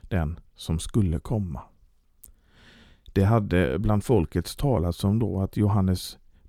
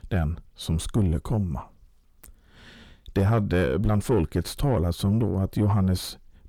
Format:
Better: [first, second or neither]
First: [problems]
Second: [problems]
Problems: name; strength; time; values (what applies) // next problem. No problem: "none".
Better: first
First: none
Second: distortion; slight; 10 dB below the speech